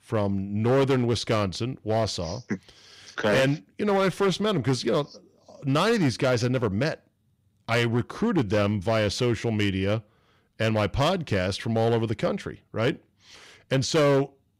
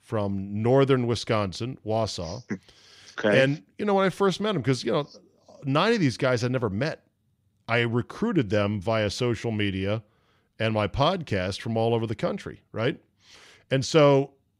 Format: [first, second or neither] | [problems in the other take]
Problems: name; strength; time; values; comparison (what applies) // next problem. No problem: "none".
second | distortion; slight; 7% of the sound clipped